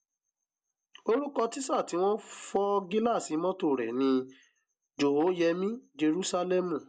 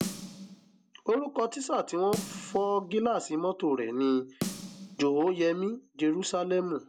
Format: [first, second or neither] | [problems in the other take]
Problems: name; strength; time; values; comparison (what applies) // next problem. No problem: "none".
first | background sound (Snare drum); 12 dB below the speech